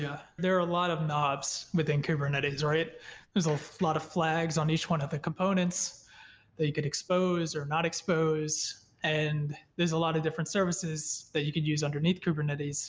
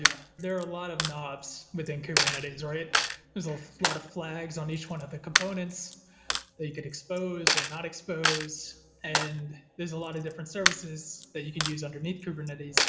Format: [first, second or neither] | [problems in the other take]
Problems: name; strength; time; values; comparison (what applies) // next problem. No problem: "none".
first | background sound (Coin (dropping)); 3 dB above the speech // room echo; dies away in 2.8 s